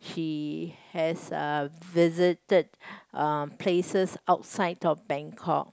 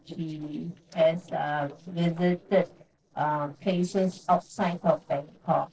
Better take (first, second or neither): first